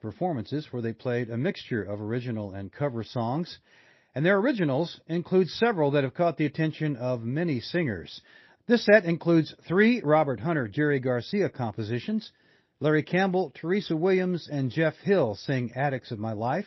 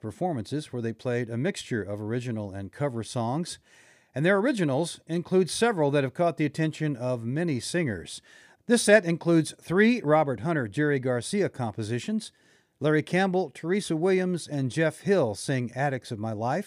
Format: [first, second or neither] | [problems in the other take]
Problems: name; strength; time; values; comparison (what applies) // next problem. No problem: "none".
second | garbled, watery; slightly; nothing above 5.5 kHz